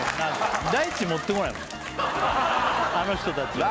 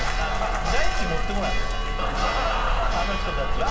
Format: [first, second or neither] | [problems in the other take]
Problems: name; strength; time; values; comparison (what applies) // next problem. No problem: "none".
first | background sound (Church bell); 4 dB above the speech // room echo; dies away in 2.3 s